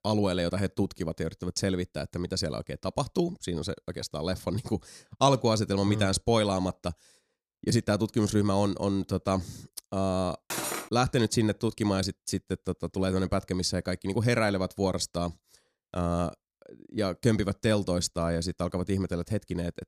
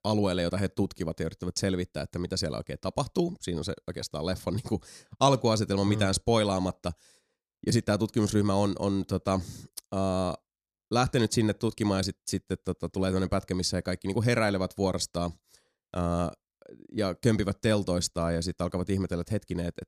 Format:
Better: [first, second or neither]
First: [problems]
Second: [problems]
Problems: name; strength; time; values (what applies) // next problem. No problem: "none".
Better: second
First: clattering dishes; noticeable; at 11 s; peak 3 dB below the speech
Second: none